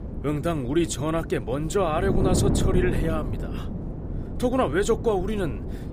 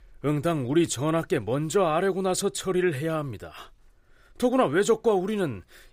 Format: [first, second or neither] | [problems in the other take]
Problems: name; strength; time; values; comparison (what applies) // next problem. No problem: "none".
second | wind noise on the microphone; heavy; 10 dB below the speech